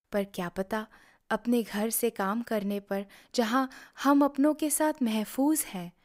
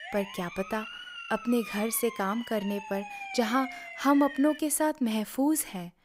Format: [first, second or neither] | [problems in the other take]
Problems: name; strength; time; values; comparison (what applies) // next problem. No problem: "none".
first | siren; noticeable; until 4.5 s; peak 9 dB below the speech